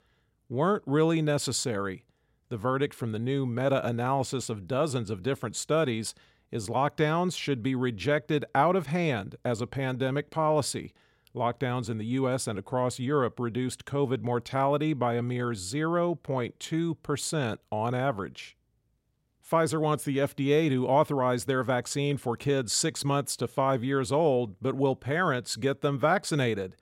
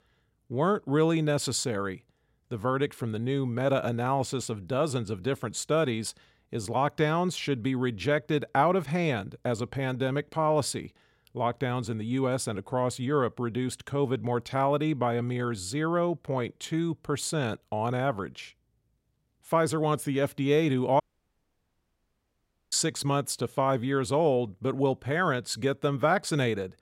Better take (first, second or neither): first